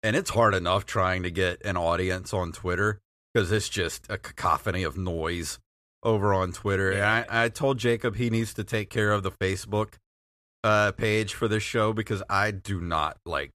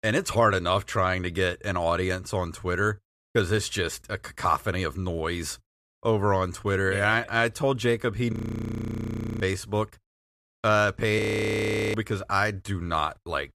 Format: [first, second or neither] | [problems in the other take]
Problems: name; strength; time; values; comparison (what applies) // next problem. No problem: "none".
first | audio freezing; at 8.5 s for 1 s and at 11 s for 1 s